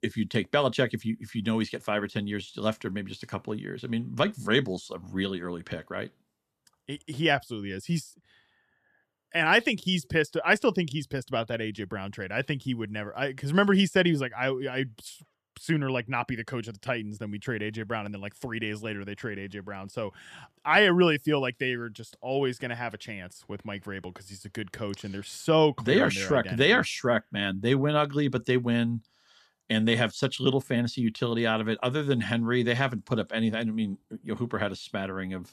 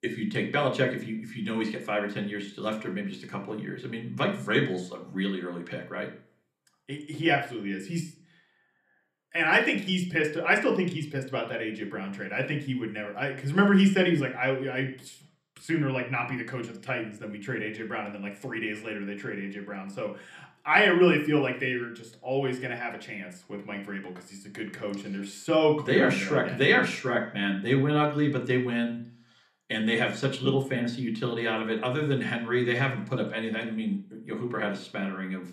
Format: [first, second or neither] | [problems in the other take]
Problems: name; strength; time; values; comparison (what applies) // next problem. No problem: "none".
first | room echo; very slight; dies away in 0.4 s